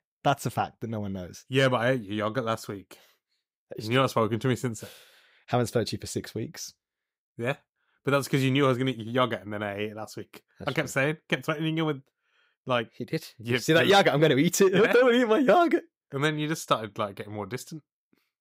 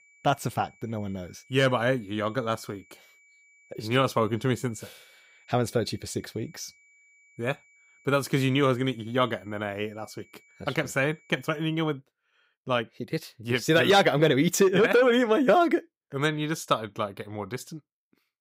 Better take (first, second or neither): first